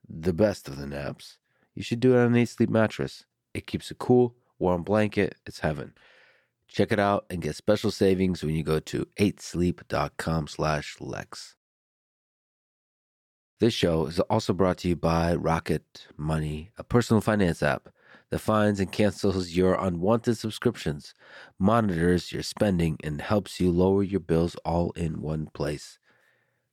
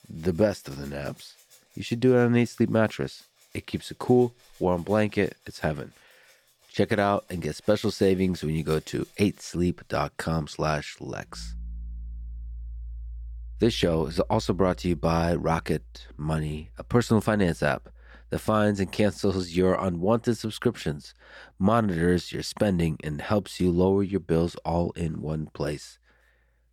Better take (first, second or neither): first